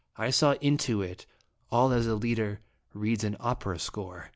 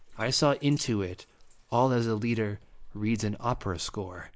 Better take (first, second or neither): first